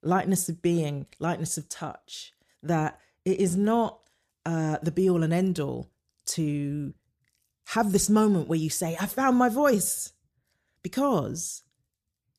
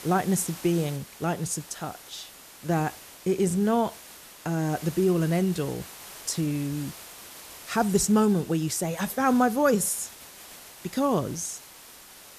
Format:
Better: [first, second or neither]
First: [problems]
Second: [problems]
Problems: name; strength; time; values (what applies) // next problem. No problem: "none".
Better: first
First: none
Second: hiss; noticeable; throughout; 15 dB below the speech